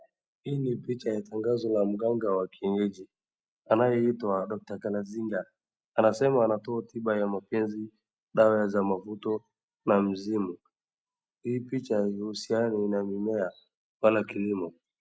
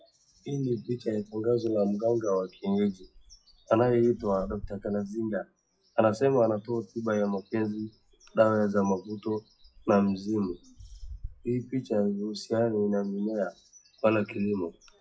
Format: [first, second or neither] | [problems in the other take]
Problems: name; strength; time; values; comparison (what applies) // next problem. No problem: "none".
first | noise reduction (classical method WPE with log-MMSE)